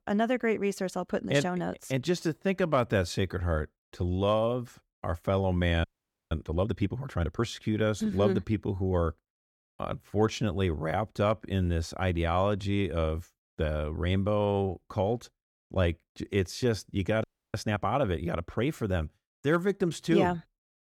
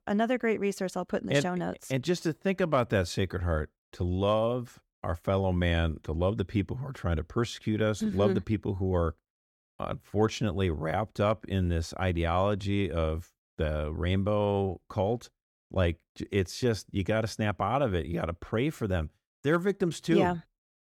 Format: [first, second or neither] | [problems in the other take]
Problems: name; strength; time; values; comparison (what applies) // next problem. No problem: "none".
second | audio freezing; at 6 s and at 17 s